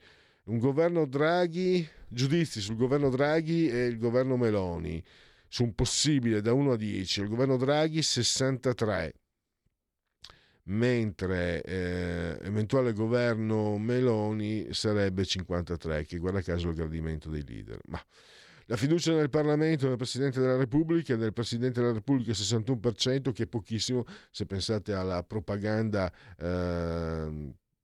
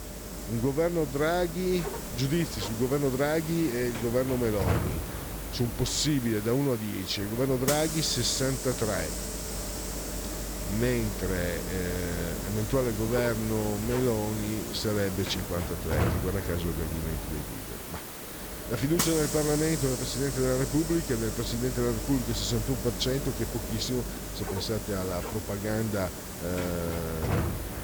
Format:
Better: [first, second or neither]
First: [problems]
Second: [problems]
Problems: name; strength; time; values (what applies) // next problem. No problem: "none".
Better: first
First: none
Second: hiss; loud; throughout; 4 dB below the speech